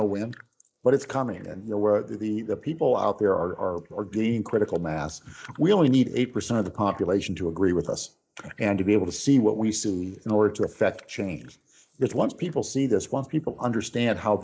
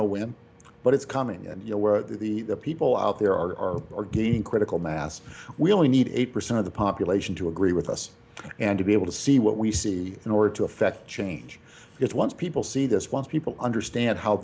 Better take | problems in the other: second | noise reduction (neural mask model Resemble Enhance denoiser)

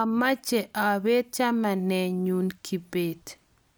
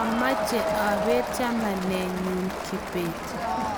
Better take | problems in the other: first | background sound (Crowd); as loud as the speech

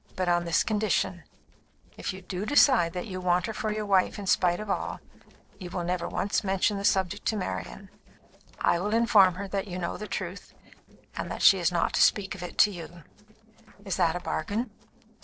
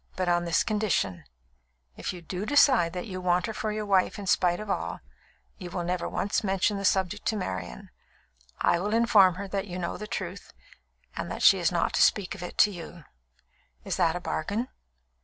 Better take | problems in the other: second | noise reduction (neural separator model SepFormer DNS4)

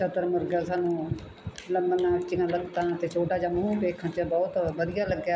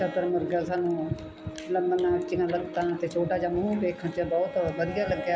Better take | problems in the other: first | background sound (Bowed string instrument + Organ); 13 dB below the speech

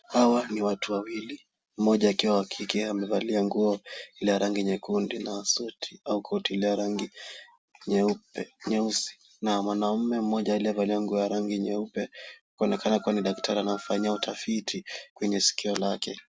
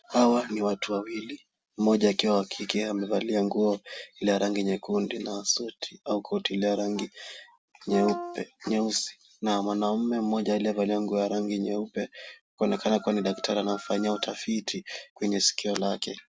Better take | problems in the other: first | background sound (Brass instrument); 9 dB below the speech

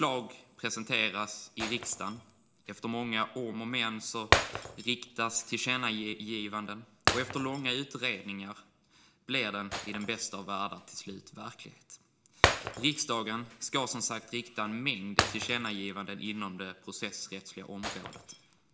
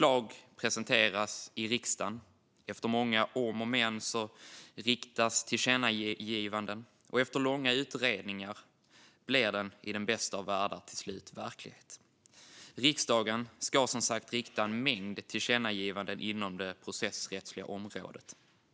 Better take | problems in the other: second | background sound (Shatter); 2 dB below the speech // room echo; dies away in 0.6 s

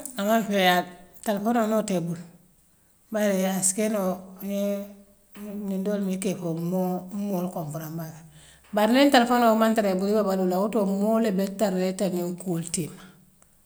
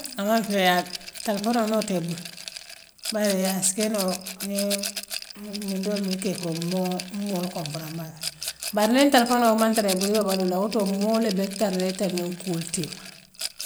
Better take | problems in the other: first | background sound (Rattle); 11 dB below the speech

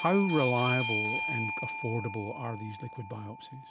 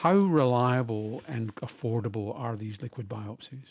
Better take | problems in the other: second | background sound (Bell / Doorbell); 4 dB below the speech

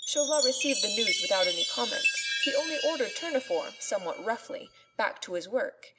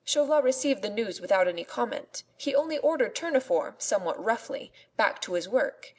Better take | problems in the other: second | background sound (Chime); 1 dB below the speech

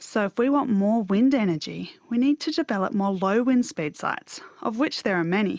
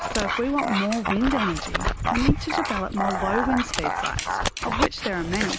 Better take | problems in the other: first | background sound (Dog); 1 dB above the speech

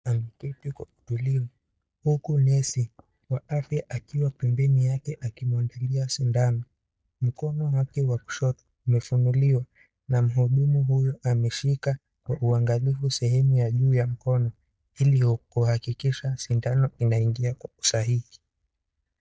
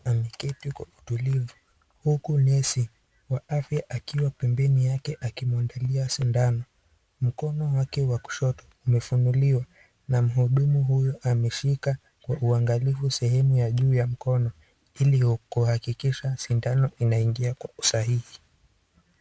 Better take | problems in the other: second | noise reduction (neural mask model DeepFilterNet 3)

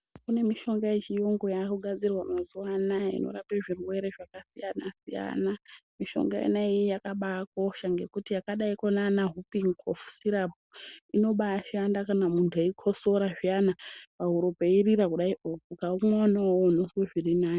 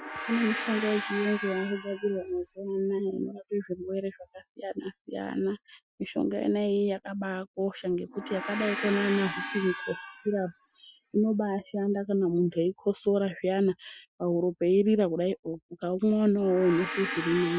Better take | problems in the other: first | noise reduction (classical method Wiener filter)

